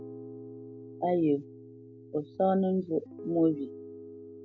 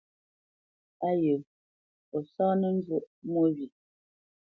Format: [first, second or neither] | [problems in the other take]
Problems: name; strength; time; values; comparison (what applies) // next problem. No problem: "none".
second | background sound (Piano); 14 dB below the speech